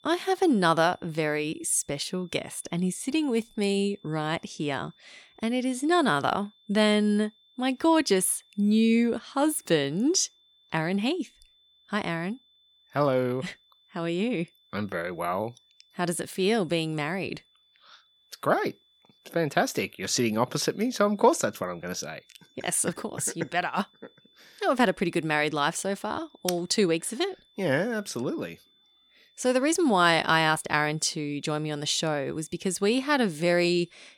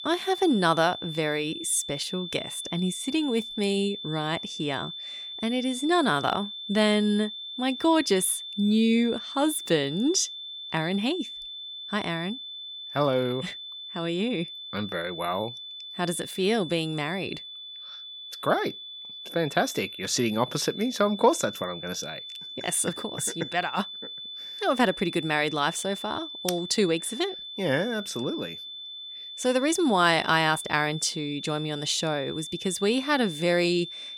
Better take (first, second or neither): first